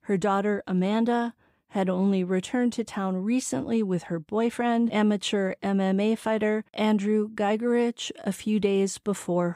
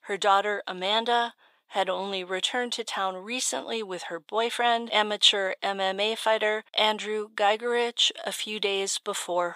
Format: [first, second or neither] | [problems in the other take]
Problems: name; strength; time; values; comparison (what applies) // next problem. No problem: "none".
first | thin; very; fading below 750 Hz